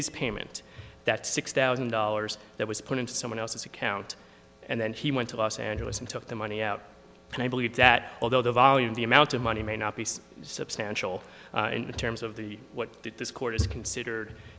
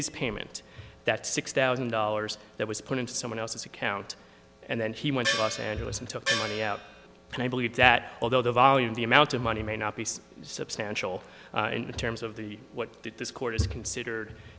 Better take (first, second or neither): first